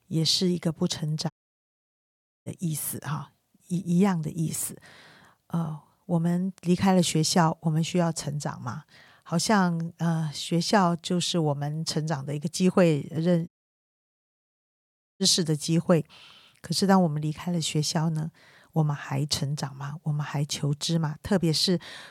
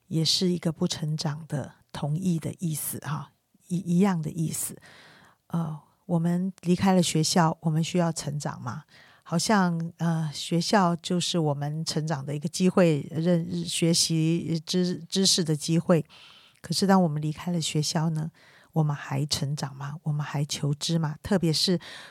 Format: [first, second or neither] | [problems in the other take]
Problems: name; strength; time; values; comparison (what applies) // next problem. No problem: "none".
second | audio cutting out; at 1.5 s for 1 s and at 13 s for 1.5 s